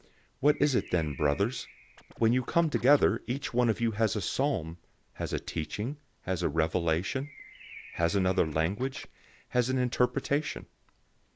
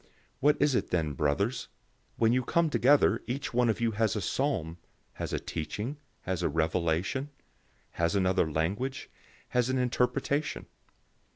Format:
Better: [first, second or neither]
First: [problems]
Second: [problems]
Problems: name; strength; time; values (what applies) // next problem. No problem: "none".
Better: second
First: background sound (Scratching (performance technique) + Bird); 20 dB below the speech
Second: none